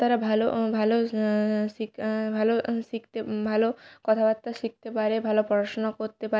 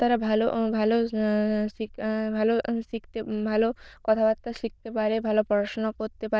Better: first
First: none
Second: noise reduction (neural diffusion model UNIVERSE++)

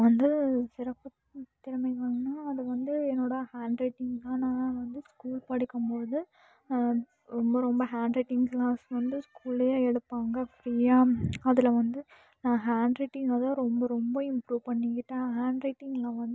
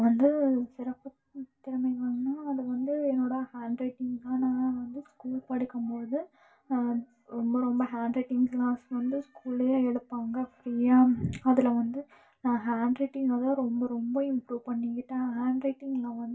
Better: first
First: none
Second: room echo; dies away in 0.2 s

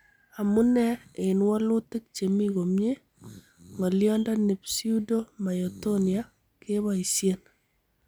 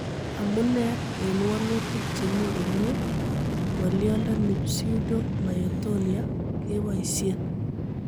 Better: first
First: none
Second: background sound (Fixed-wing aircraft, airplane); 1 dB above the speech

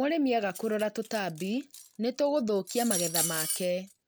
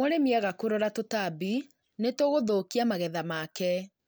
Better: second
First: background sound (Cutlery, silverware); 7 dB below the speech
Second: none

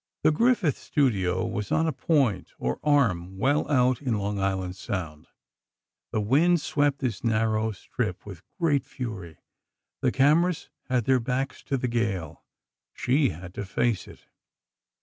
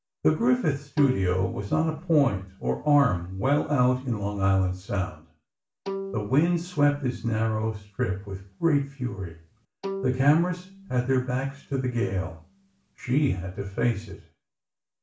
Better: first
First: none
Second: background sound (Bowed string instrument); 15 dB below the speech // room echo; dies away in 0.3 s

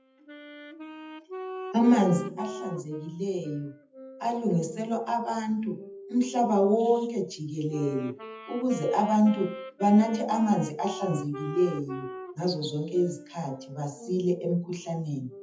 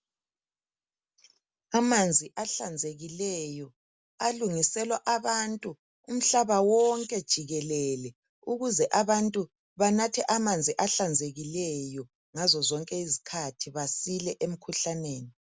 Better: second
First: noise reduction (classical method WPE with log-MMSE)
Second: none

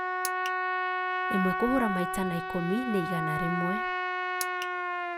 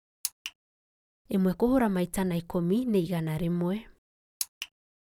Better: second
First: background sound (Trumpet); 1 dB above the speech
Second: none

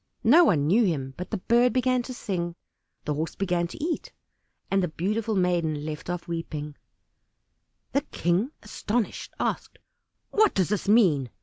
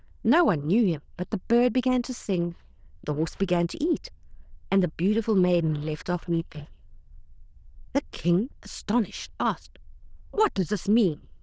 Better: first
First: none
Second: noise reduction (neural diffusion model UNIVERSE++)

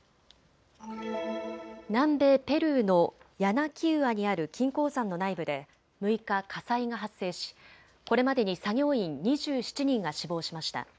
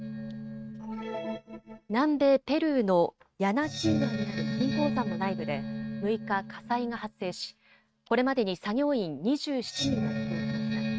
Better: first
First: none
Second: noise reduction (neural mask model RNNoise)

